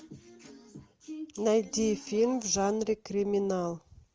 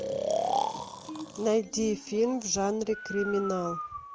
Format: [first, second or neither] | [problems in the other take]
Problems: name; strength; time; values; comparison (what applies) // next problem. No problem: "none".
first | background sound (Breathing); 4 dB below the speech